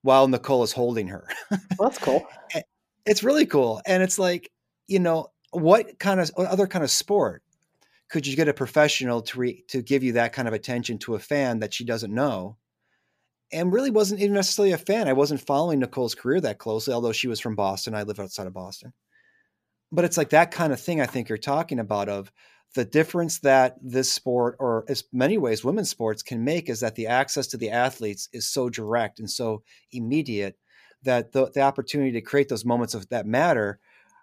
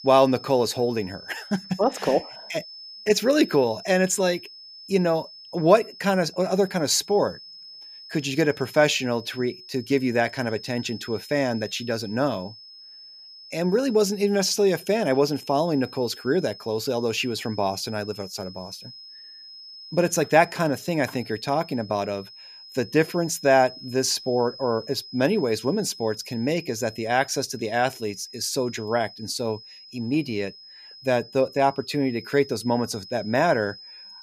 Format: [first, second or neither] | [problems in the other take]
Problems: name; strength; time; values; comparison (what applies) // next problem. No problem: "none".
first | high-pitched whine; noticeable; throughout; 5 kHz, 15 dB below the speech